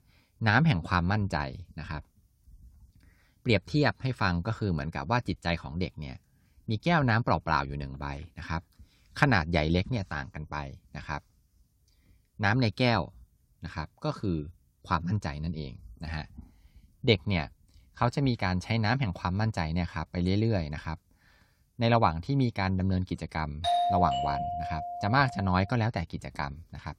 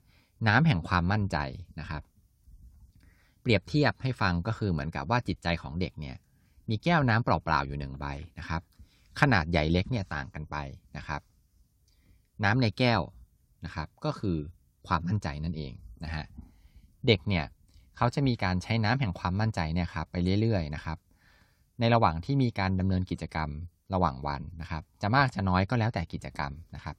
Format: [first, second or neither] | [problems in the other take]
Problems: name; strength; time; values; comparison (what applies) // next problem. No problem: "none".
second | doorbell; loud; from 24 to 25 s; peak 3 dB above the speech